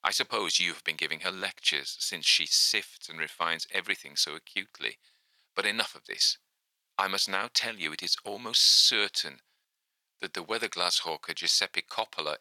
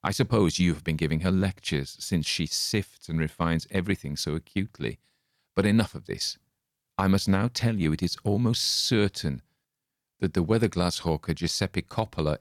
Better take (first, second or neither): second